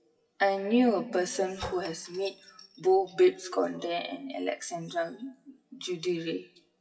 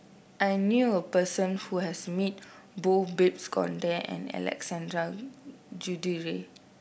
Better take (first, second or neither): second